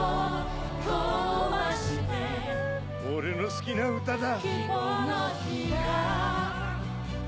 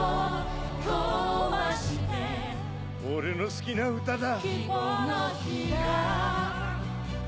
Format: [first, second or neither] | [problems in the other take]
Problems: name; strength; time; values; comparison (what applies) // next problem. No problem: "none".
second | background sound (Wind instrument, woodwind instrument); 11 dB below the speech